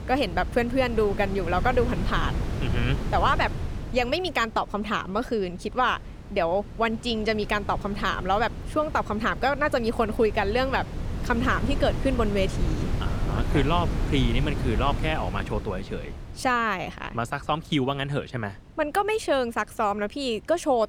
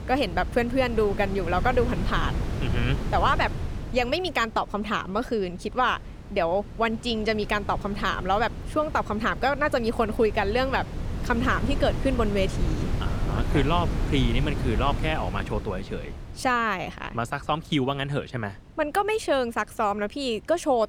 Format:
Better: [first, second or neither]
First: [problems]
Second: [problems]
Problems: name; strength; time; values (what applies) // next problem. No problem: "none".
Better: neither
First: wind noise on the microphone; occasional gusts; 15 dB below the speech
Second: wind noise on the microphone; occasional gusts; 15 dB below the speech